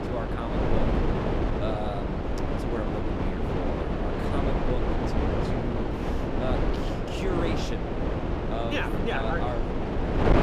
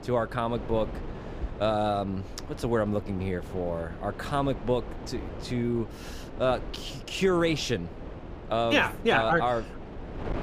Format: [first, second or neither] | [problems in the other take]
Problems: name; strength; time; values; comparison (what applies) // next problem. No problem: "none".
second | wind noise on the microphone; heavy; 3 dB above the speech; occasional gusts in the second